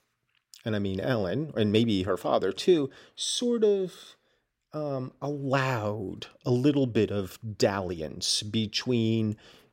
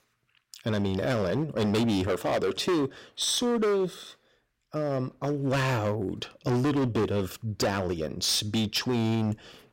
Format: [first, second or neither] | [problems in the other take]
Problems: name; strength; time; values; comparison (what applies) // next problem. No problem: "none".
first | distortion; heavy; 16% of the sound clipped